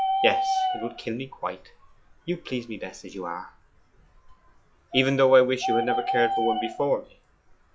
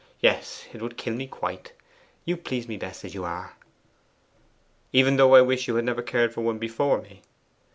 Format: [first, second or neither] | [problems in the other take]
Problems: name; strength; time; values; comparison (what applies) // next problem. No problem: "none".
second | noise reduction (classical method log-MMSE)